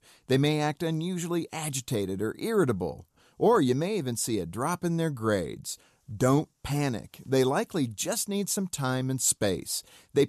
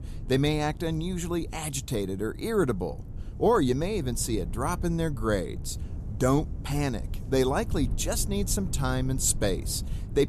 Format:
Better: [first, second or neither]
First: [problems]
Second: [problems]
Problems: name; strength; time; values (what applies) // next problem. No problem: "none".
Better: first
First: none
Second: wind noise on the microphone; occasional gusts; 20 dB below the speech